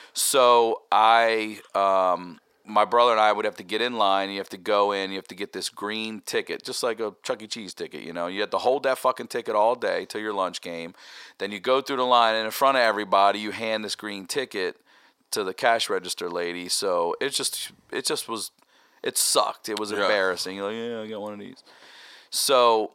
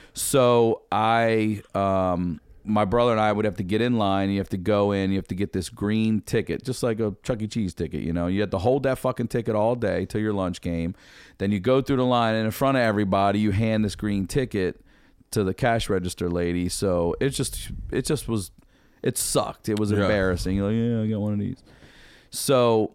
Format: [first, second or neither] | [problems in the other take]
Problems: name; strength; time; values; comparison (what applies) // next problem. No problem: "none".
second | thin; very; fading below 550 Hz